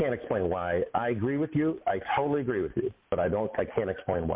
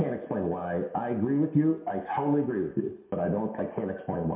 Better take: first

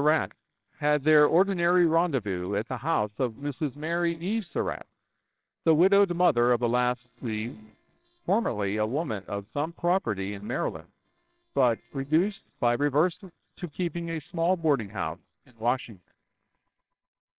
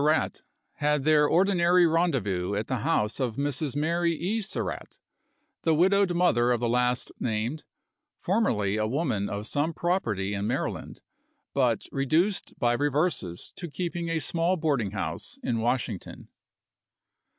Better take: second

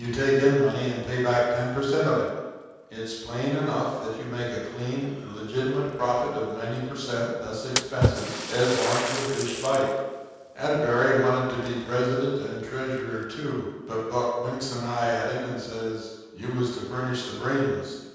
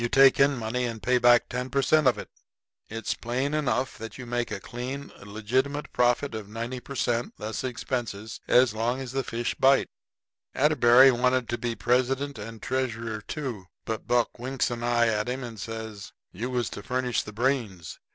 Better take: second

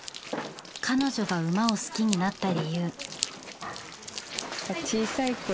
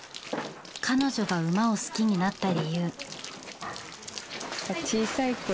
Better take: second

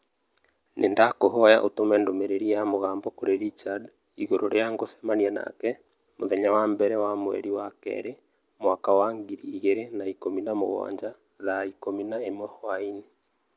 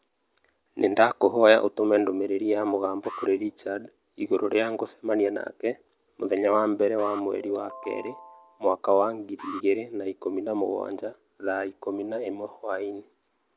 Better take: first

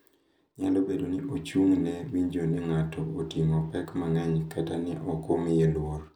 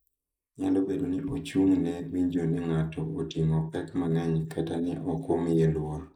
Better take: first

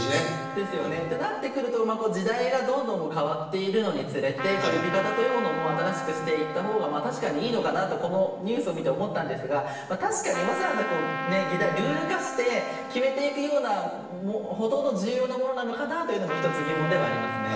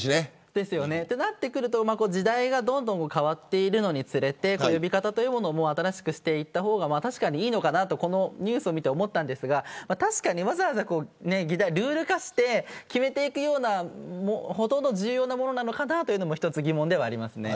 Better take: second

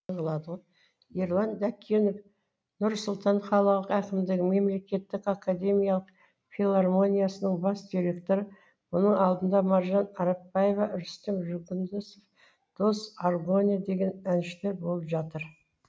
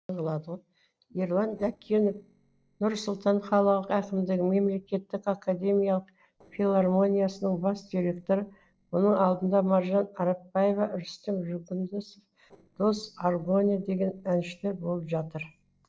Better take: first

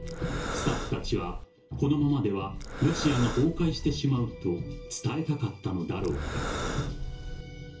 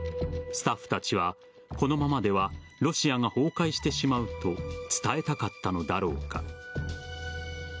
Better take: second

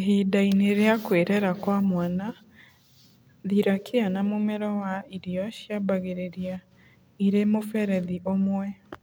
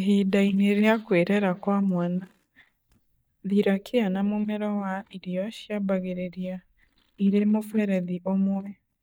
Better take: first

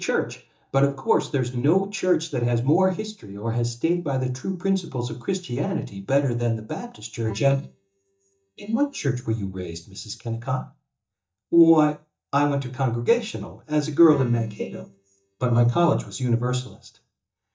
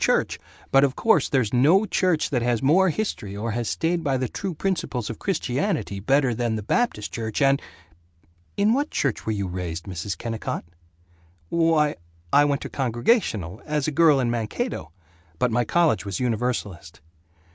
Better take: second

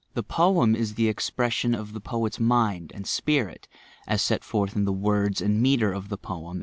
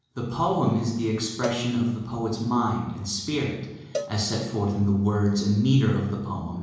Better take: first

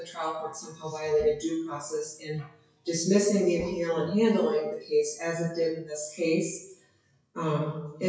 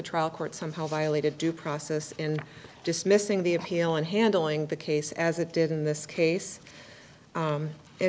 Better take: second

